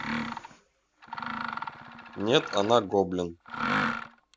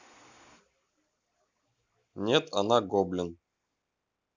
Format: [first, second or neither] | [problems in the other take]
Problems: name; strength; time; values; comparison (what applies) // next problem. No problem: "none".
second | background sound (Mechanisms); 4 dB below the speech